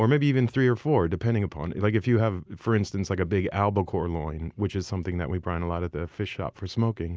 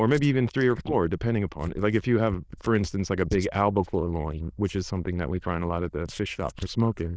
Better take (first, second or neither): first